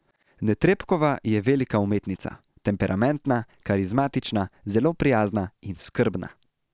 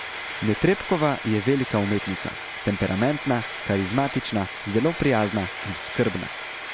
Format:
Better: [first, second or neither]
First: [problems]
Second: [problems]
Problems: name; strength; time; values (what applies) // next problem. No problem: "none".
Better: first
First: none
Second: background sound (Frying (food)); 9 dB below the speech